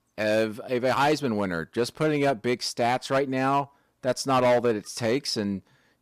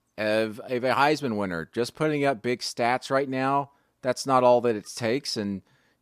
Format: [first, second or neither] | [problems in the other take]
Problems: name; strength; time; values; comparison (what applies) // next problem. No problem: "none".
second | distortion; slight; 4% of the sound clipped